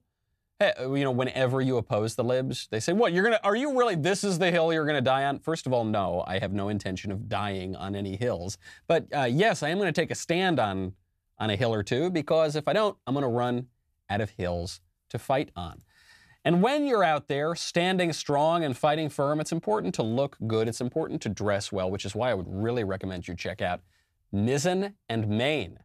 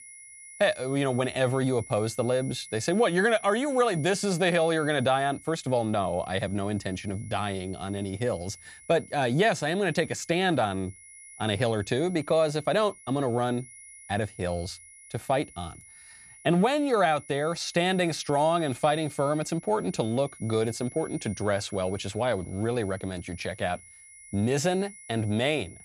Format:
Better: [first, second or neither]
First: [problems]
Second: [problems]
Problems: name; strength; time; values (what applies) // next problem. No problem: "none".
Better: first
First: none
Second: high-pitched whine; noticeable; throughout; 10.5 kHz, 20 dB below the speech